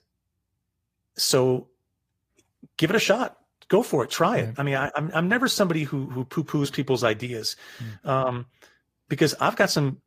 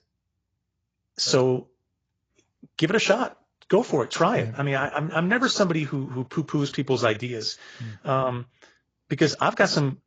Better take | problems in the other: first | garbled, watery; badly; nothing above 7.5 kHz; slightly in the first

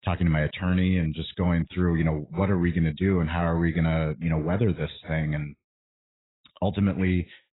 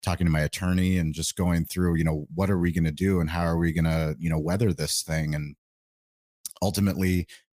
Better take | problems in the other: second | garbled, watery; badly; nothing above 4 kHz

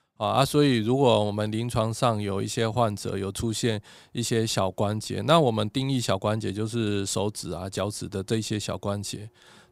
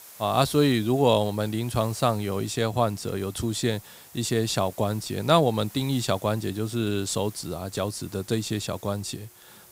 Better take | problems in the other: first | hiss; noticeable; throughout; 20 dB below the speech

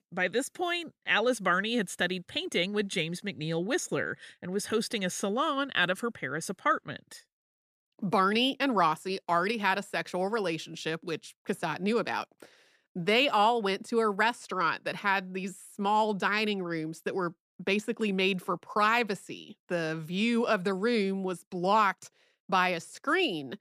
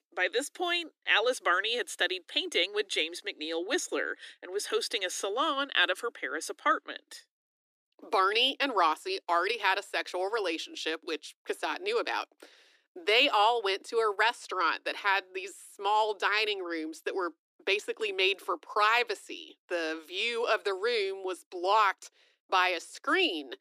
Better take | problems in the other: first | thin; very; fading below 300 Hz

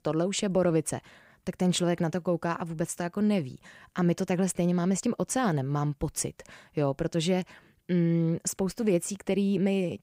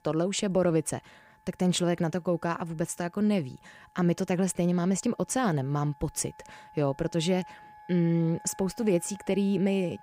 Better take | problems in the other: first | background music; faint; throughout; 25 dB below the speech

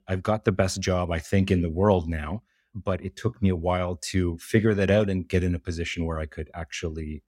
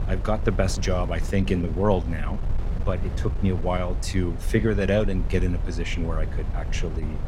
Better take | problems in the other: first | wind noise on the microphone; occasional gusts; 15 dB below the speech

